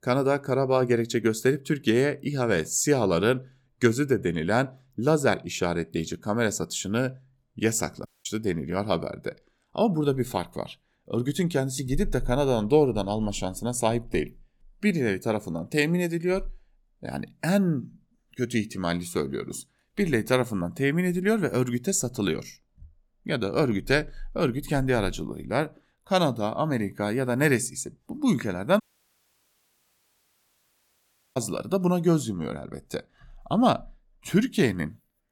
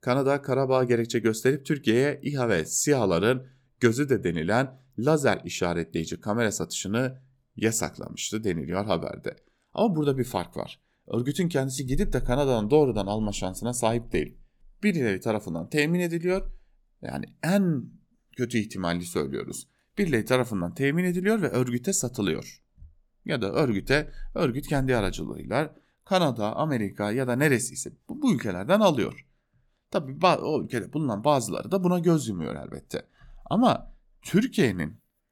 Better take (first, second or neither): second